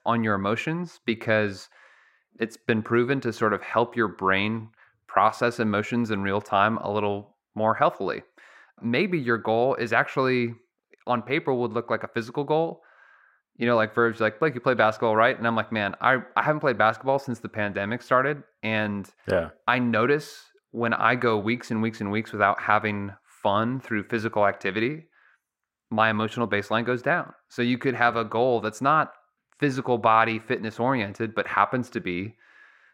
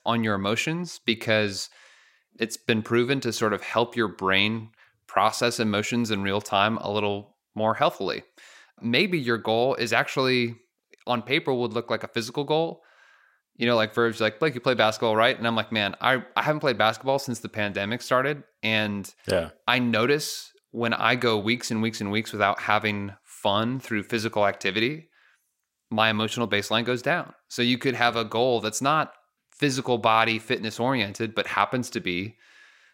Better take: second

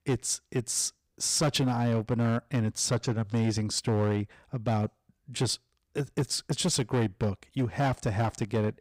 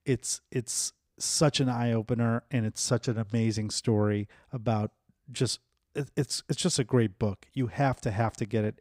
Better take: second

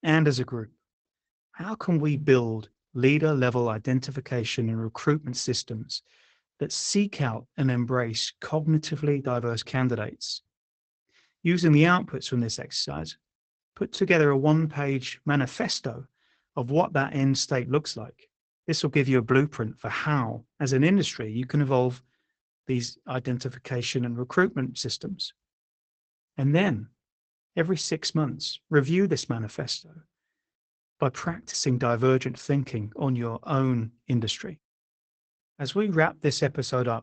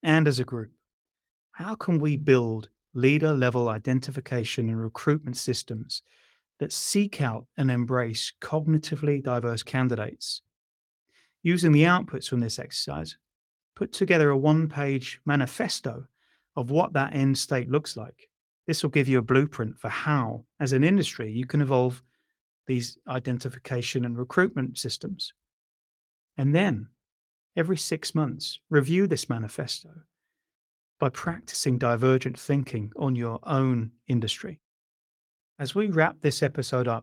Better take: second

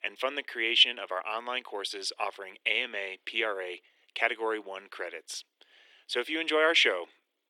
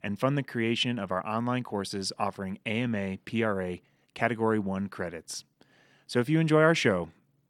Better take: second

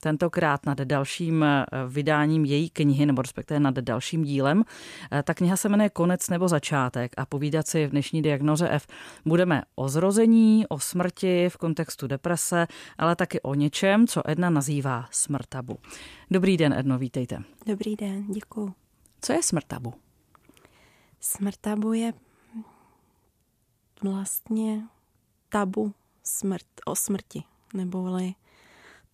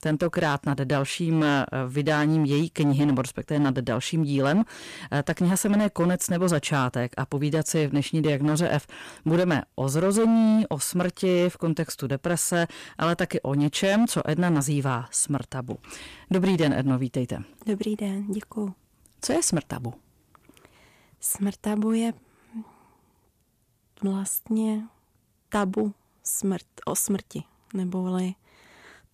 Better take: first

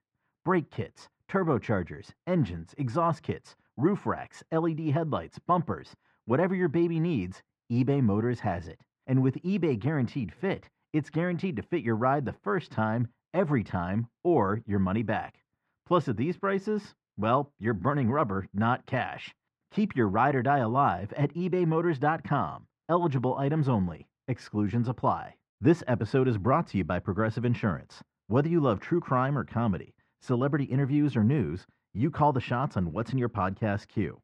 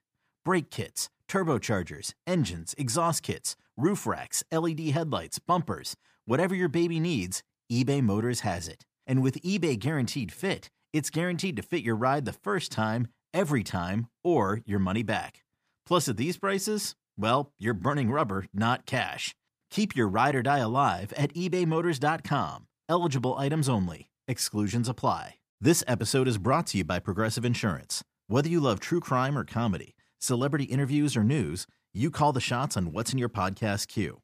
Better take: second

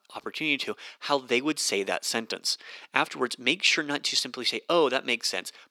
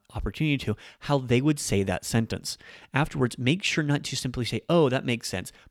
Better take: second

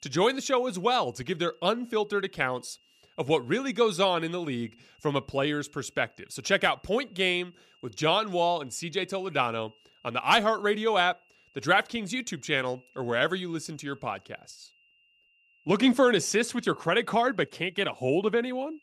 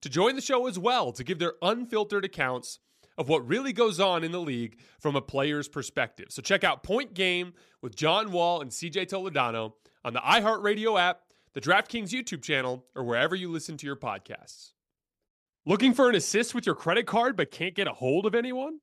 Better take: second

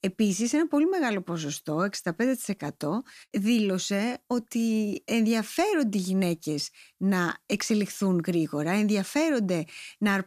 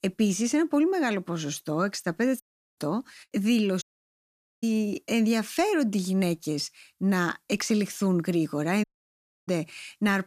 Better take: first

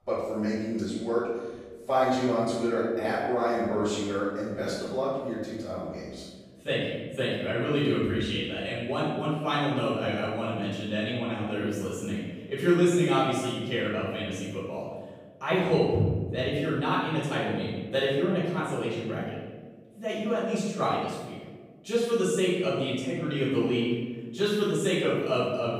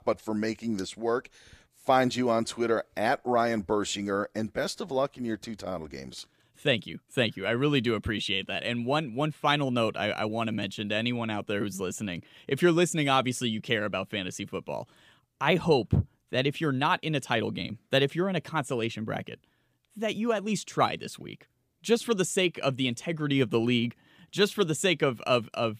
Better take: second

